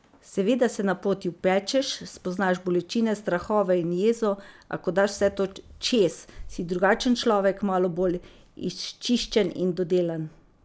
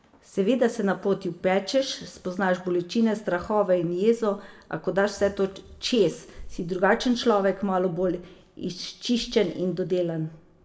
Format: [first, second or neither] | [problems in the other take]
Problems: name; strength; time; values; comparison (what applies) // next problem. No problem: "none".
first | room echo; dies away in 0.7 s